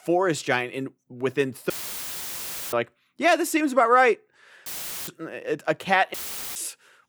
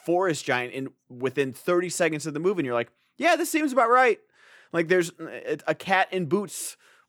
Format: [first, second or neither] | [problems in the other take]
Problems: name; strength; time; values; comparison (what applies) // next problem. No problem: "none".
second | audio cutting out; filled with static; at 1.5 s for 1 s, at 4.5 s and at 6 s